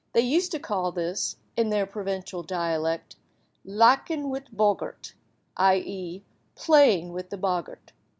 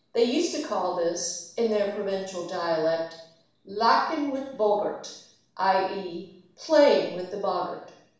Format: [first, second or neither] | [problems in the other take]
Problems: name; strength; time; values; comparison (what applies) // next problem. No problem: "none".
first | room echo; dies away in 0.7 s